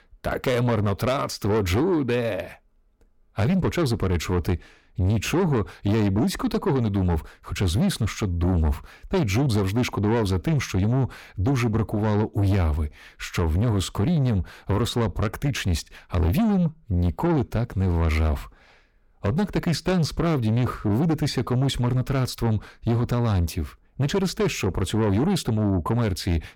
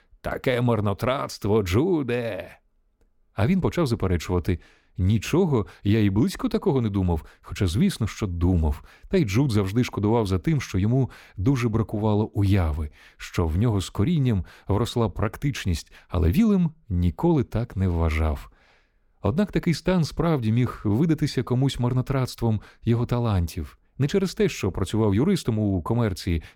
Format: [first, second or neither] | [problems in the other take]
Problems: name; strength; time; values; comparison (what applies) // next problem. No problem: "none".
second | distortion; slight; 10 dB below the speech